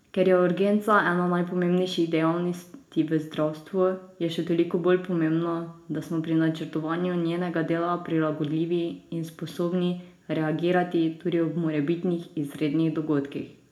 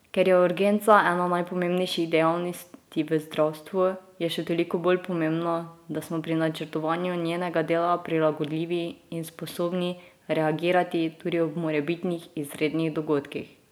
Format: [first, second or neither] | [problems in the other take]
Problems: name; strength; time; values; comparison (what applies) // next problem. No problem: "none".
second | room echo; dies away in 0.4 s